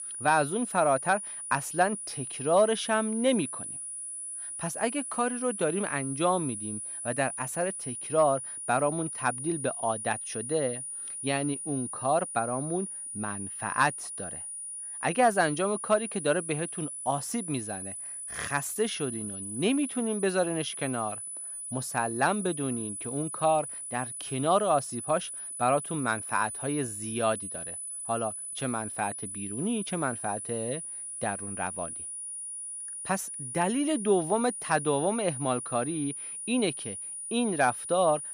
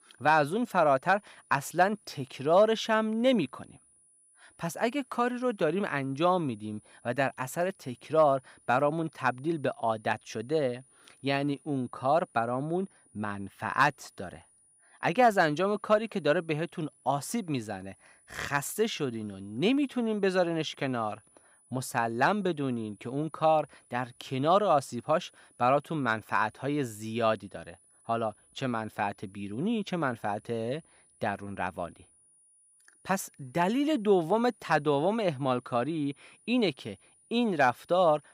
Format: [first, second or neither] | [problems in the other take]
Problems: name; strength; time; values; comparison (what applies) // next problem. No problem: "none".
second | high-pitched whine; loud; throughout; 9.5 kHz, 6 dB below the speech; faint in the second